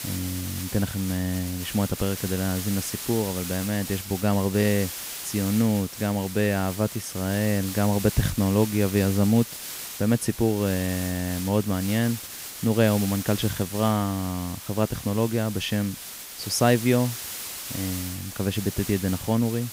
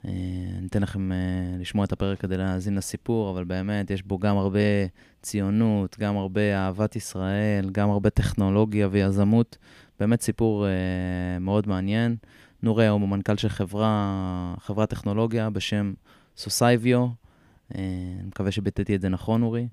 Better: second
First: hiss; loud; throughout; 8 dB below the speech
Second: none

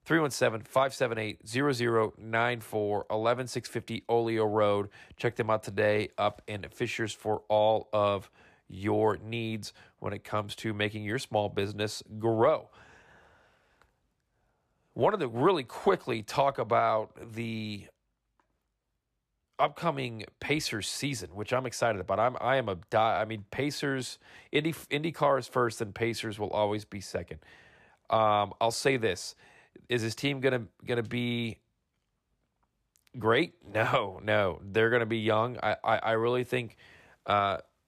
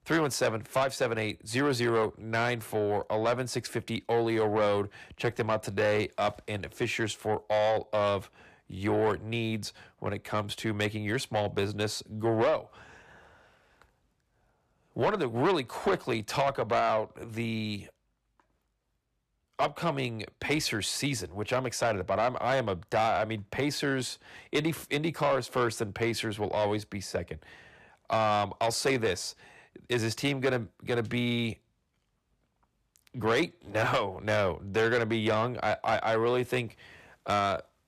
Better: first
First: none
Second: distortion; slight; 10 dB below the speech

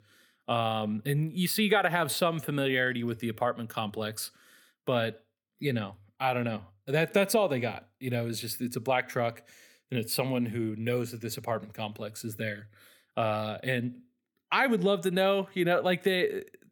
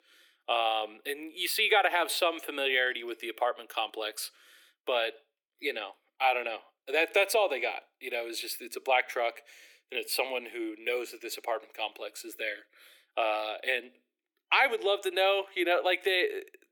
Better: first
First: none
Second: thin; very; fading below 300 Hz

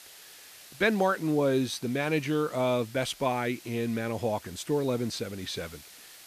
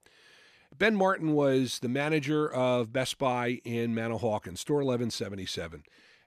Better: second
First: hiss; noticeable; throughout; 20 dB below the speech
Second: none

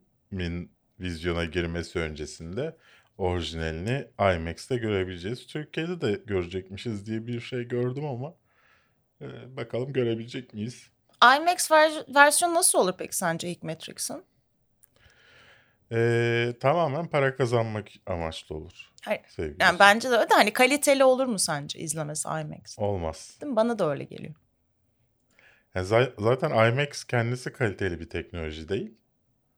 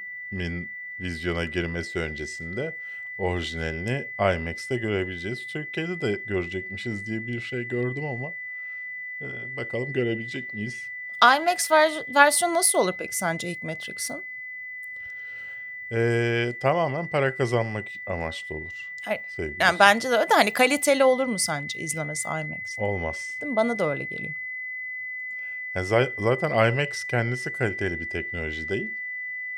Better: first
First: none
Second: high-pitched whine; loud; throughout; 2 kHz, 8 dB below the speech

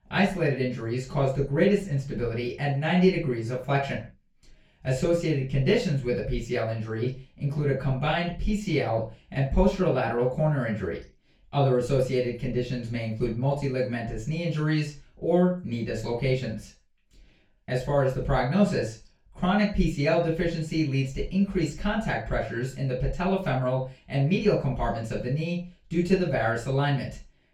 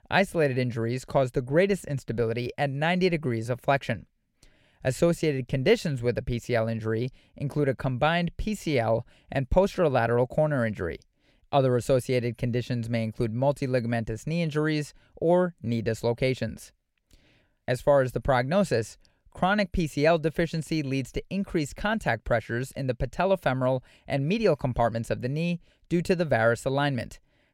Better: second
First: room echo; noticeable; dies away in 0.3 s // off-mic speech; far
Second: none

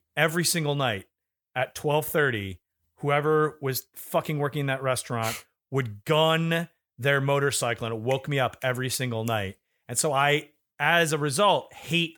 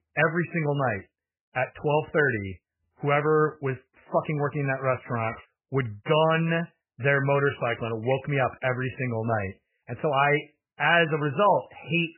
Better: first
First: none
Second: garbled, watery; badly; nothing above 3 kHz

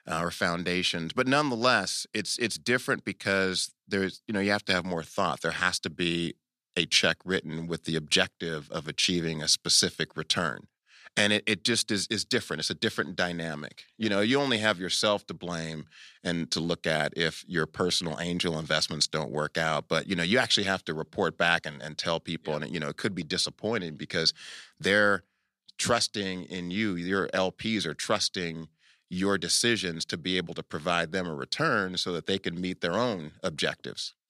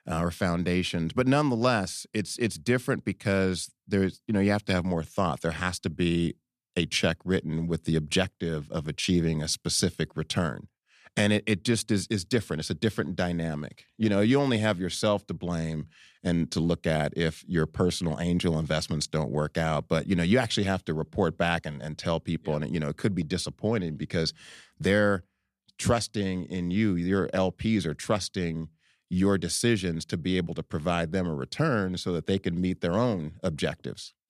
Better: second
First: thin; very slightly; fading below 300 Hz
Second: none

